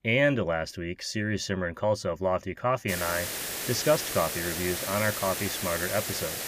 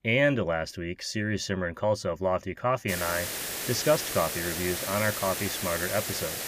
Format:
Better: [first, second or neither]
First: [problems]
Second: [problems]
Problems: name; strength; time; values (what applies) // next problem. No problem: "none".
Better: neither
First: hiss; loud; from 3 s on; 3 dB below the speech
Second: hiss; loud; from 3 s on; 3 dB below the speech